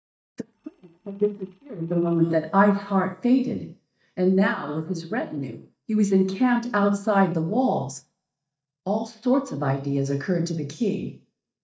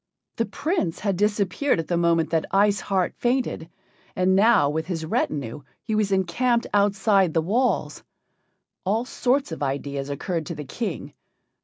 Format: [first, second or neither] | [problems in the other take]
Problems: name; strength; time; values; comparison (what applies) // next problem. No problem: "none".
second | noise reduction (neural mask model DeepFilterNet 3)